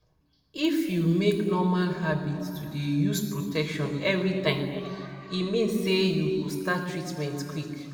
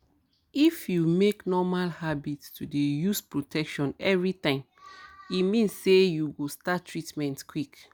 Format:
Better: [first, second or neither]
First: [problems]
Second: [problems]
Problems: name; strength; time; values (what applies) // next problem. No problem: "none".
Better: second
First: room echo; dies away in 2.3 s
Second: none